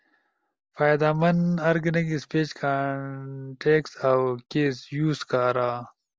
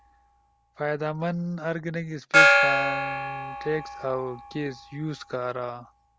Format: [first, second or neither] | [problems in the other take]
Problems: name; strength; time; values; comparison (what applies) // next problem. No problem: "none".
first | background sound (Gong); 5 dB above the speech